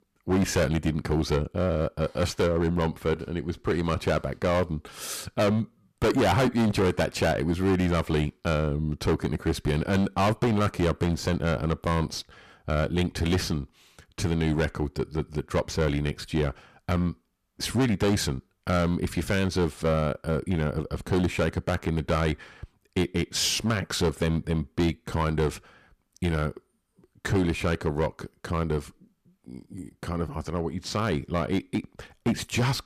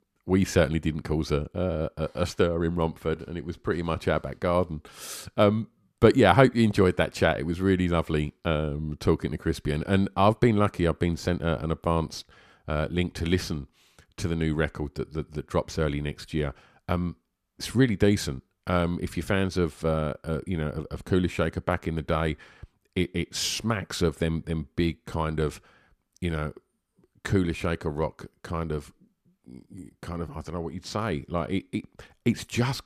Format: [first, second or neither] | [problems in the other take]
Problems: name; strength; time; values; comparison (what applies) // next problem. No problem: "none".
second | distortion; heavy; 10% of the sound clipped